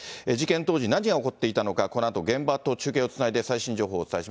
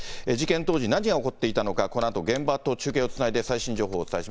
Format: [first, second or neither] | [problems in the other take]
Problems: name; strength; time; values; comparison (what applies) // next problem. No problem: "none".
first | background sound (Computer keyboard); 10 dB below the speech